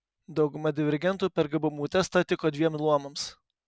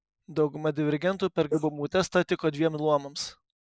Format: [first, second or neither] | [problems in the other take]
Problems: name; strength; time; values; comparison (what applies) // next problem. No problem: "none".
first | noise reduction (neural mask model Resemble Enhance denoiser)